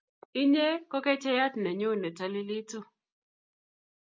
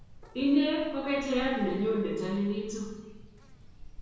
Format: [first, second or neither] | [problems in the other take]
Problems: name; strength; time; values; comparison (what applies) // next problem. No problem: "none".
first | background sound (Insect); 16 dB below the speech // room echo; dies away in 1 s